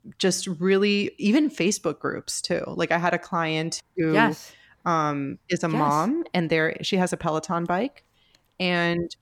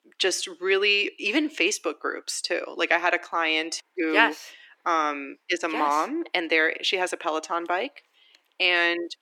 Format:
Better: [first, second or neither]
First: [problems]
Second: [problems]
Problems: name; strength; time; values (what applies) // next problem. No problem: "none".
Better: first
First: none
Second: thin; very; fading below 300 Hz